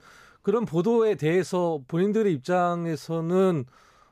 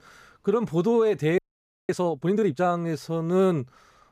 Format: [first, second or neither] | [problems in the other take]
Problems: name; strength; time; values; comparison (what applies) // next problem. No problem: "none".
first | audio freezing; at 1.5 s for 0.5 s